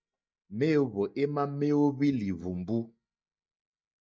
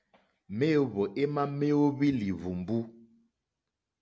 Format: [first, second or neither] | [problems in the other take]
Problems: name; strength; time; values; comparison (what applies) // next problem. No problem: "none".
second | noise reduction (neural mask model DeepFilterNet 3)